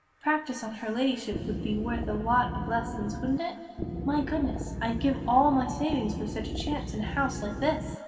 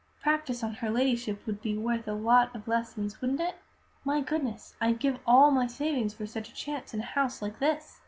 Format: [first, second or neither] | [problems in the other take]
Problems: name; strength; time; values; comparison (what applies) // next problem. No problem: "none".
second | background sound (Wind instrument, woodwind instrument); 5 dB below the speech // room echo; dies away in 2.4 s